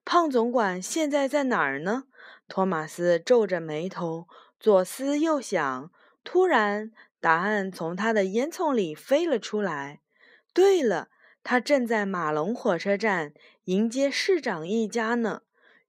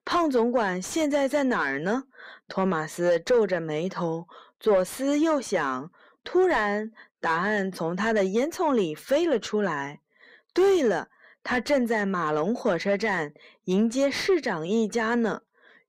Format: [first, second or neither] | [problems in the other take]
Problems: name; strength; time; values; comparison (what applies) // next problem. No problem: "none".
first | distortion; slight; 10 dB below the speech